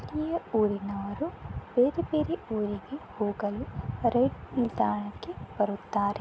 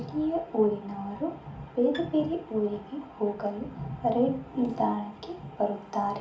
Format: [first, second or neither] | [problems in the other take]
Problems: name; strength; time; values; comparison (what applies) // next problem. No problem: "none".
first | background sound (Bowed string instrument); 20 dB below the speech // room echo; dies away in 0.4 s